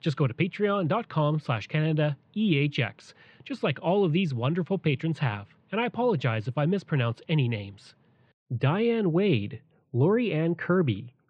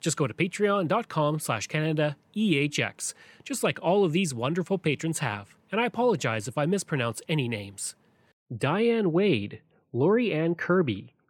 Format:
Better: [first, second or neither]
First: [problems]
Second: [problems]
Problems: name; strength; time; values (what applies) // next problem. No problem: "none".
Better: second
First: muffled; slightly; fading above 4 kHz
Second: none